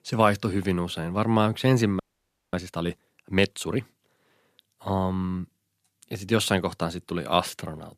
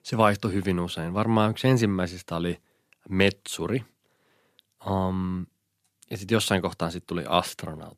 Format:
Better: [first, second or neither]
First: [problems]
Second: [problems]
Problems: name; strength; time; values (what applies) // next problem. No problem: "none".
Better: second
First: audio freezing; at 2 s for 0.5 s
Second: none